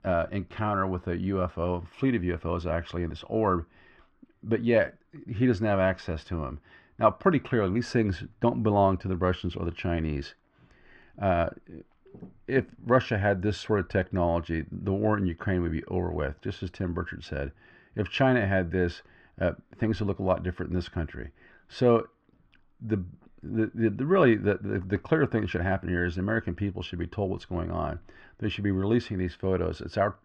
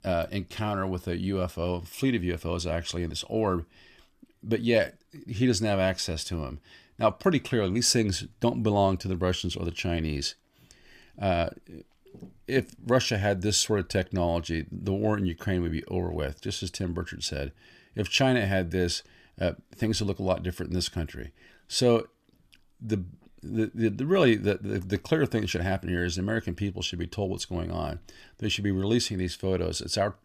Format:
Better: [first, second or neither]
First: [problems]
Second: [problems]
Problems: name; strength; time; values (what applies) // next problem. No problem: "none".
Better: second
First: muffled; very; fading above 2 kHz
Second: none